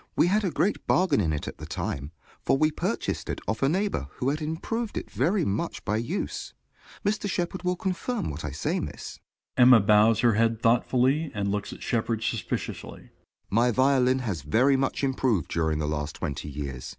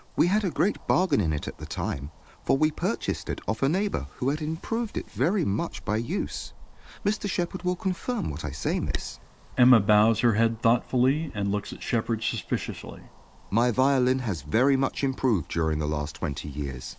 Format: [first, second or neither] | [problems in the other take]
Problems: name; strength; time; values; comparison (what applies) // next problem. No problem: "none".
first | noise reduction (neural mask model Resemble Enhance denoiser)